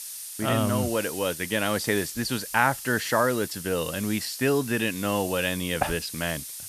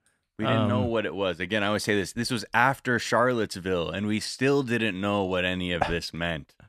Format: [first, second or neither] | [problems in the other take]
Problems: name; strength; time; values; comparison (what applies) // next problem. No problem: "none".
second | hiss; loud; throughout; 9 dB below the speech